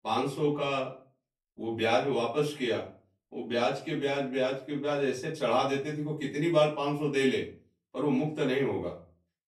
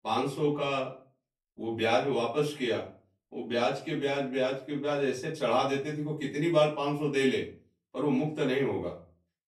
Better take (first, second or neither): neither